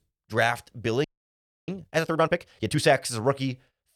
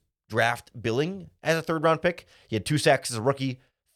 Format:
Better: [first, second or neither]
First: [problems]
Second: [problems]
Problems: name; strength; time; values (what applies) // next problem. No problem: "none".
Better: second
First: audio freezing; at 1 s for 0.5 s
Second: none